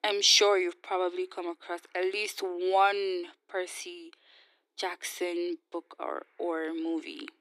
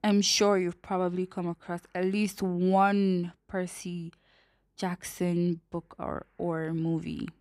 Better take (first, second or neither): second